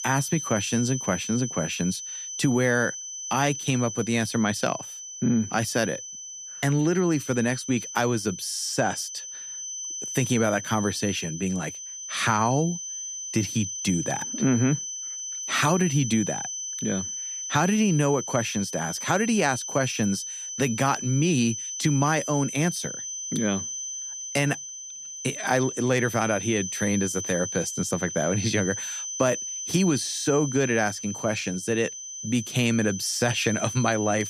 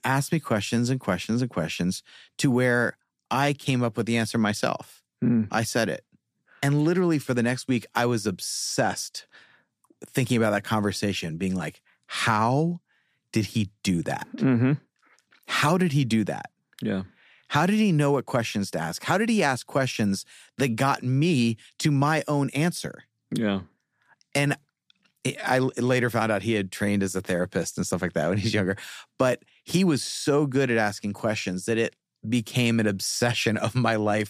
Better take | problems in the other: second | high-pitched whine; loud; throughout; 6 kHz, 6 dB below the speech

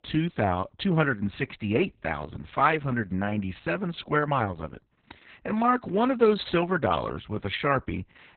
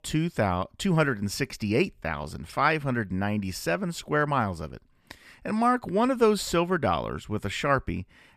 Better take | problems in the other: second | garbled, watery; badly; nothing above 4 kHz

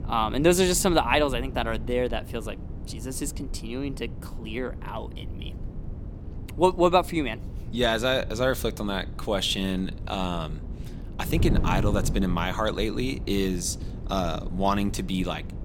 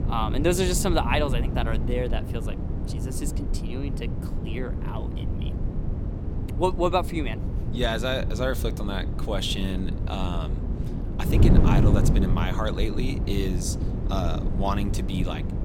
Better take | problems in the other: first | wind noise on the microphone; heavy; 8 dB below the speech; occasional gusts in the first

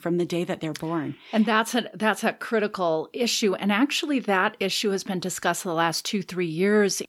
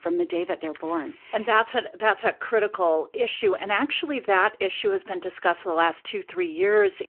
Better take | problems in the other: first | phone-call audio

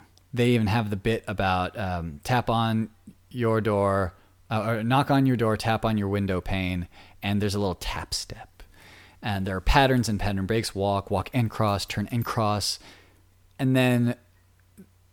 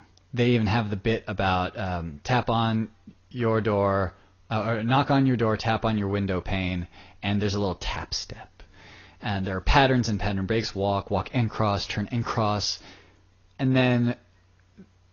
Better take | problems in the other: first | garbled, watery; slightly; nothing above 6 kHz

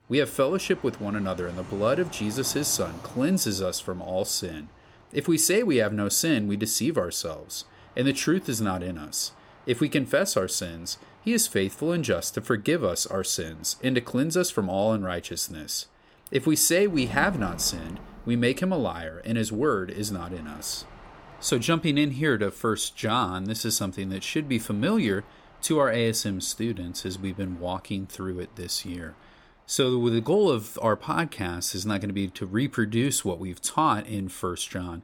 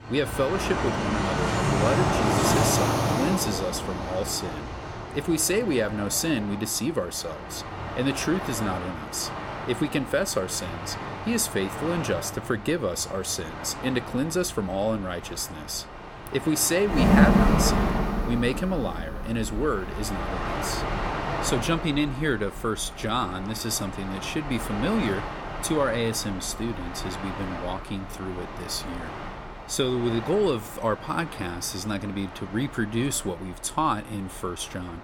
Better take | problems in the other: first | train or aircraft noise; loud; throughout; 2 dB below the speech; faint in the first

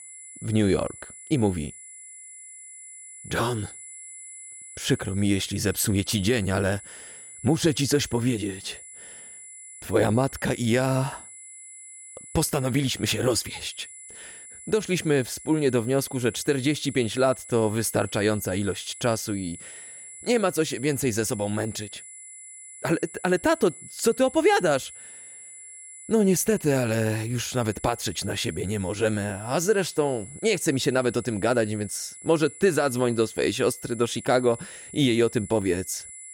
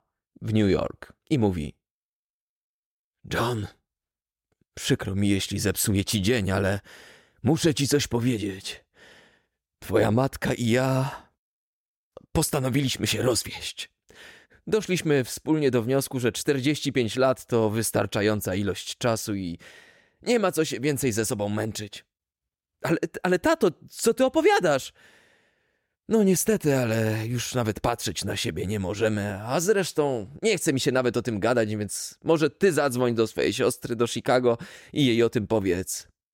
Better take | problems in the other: second | high-pitched whine; noticeable; throughout; 10 kHz, 15 dB below the speech

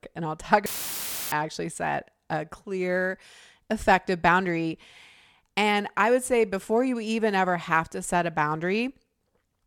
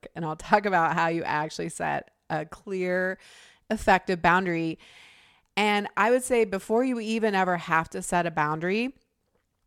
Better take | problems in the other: second | audio cutting out; filled with static; at 0.5 s for 0.5 s

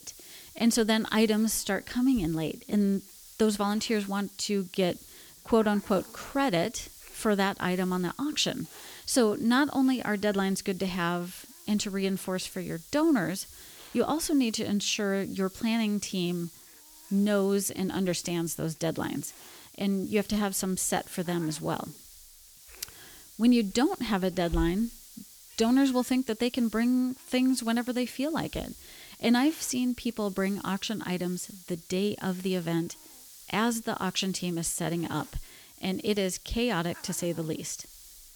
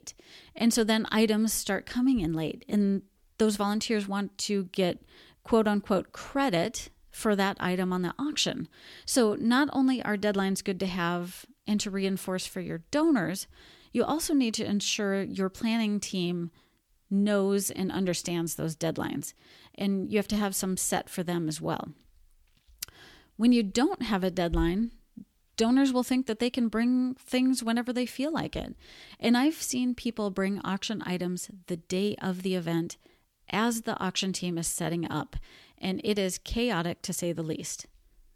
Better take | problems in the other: second | hiss; noticeable; throughout; 20 dB below the speech

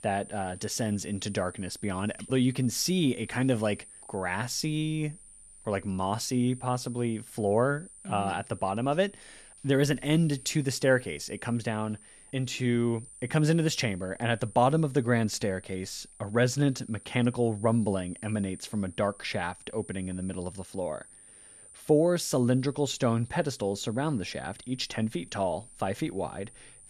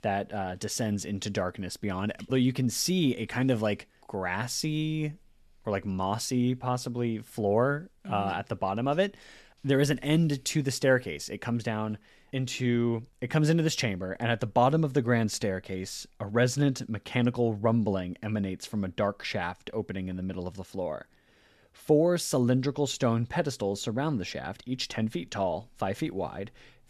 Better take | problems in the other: second | high-pitched whine; noticeable; throughout; 9 kHz, 20 dB below the speech

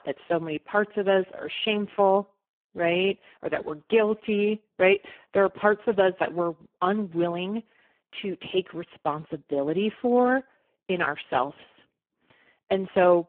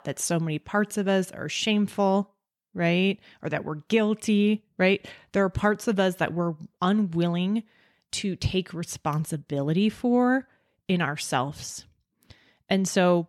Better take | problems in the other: second | phone-call audio; poor line

